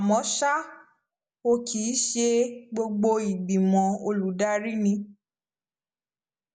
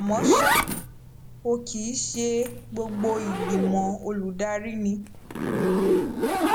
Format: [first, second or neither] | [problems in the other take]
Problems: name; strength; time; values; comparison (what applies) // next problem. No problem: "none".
first | background sound (Zipper (clothing)); 1 dB above the speech